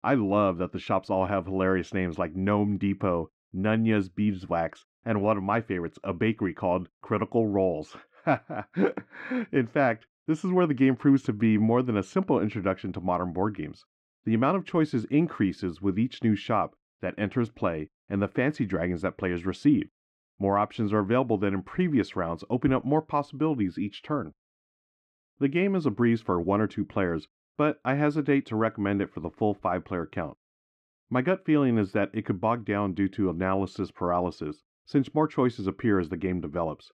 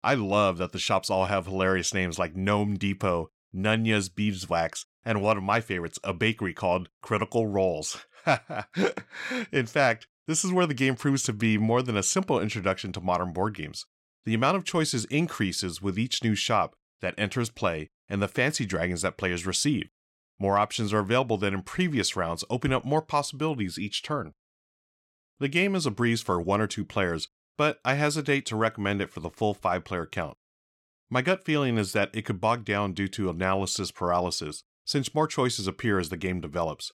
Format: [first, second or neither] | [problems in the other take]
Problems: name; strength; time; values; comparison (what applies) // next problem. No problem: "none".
second | muffled; very; fading above 4 kHz